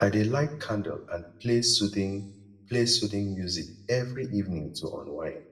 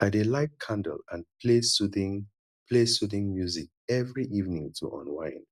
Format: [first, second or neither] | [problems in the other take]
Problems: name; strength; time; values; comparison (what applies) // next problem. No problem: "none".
second | room echo; dies away in 0.5 s